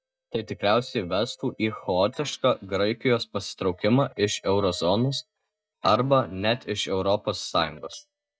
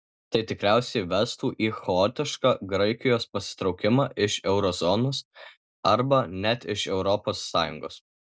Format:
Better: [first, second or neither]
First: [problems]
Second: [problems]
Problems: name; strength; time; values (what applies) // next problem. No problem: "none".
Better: second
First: noise reduction (neural mask model DeepFilterNet 3)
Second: none